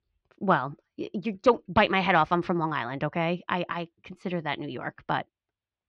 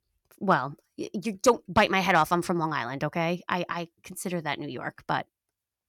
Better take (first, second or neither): second